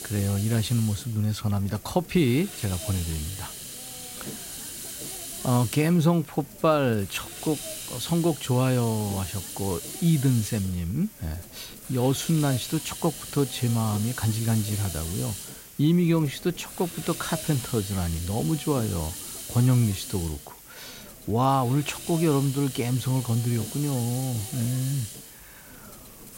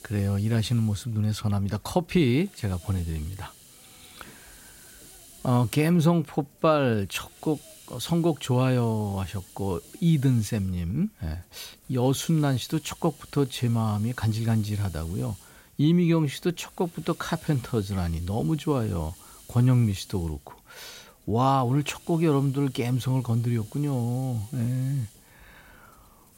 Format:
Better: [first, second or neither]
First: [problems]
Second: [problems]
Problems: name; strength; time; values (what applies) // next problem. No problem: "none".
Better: second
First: hiss; loud; throughout; 10 dB below the speech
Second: hiss; faint; throughout; 25 dB below the speech